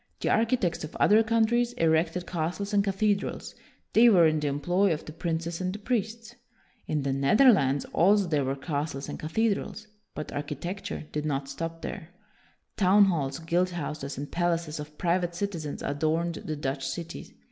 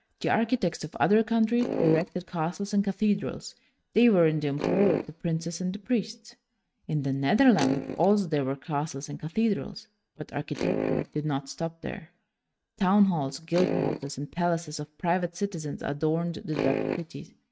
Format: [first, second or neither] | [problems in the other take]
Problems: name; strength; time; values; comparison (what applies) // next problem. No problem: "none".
first | noise reduction (neural mask model RNNoise)